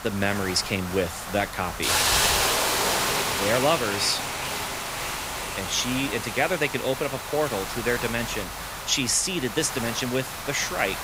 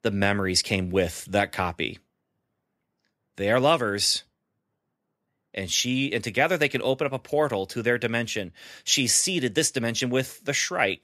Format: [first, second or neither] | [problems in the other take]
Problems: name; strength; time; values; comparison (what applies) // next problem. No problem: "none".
second | hiss; loud; throughout; 1 dB below the speech